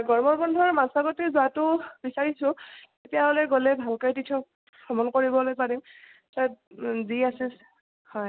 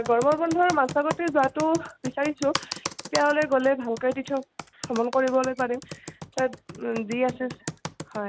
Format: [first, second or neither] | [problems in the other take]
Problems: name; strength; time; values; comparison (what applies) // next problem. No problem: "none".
first | background sound (Computer keyboard); 12 dB below the speech